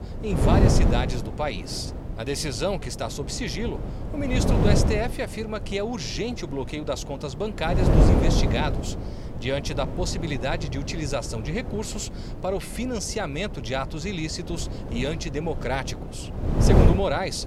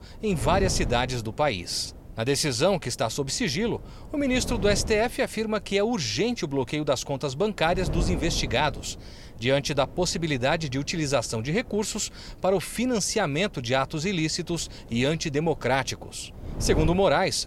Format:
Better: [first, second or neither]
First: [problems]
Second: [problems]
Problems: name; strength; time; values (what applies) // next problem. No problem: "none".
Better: second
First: wind noise on the microphone; heavy; 3 dB below the speech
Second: wind noise on the microphone; occasional gusts; 20 dB below the speech